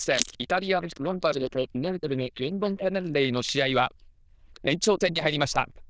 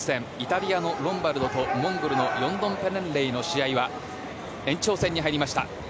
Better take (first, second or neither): second